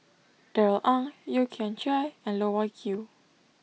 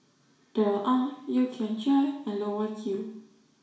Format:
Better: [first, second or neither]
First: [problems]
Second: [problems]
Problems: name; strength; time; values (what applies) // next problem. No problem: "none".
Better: first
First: none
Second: room echo; dies away in 0.7 s